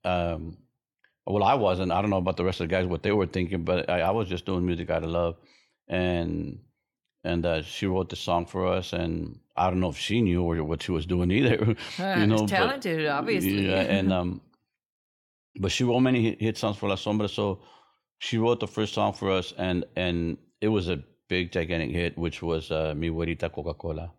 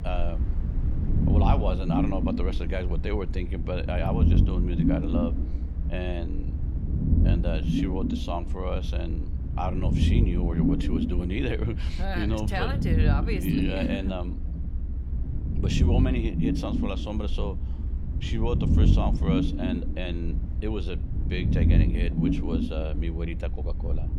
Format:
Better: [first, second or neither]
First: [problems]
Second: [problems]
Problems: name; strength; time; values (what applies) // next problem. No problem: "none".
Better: first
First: none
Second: low rumble; loud; throughout; 2 dB below the speech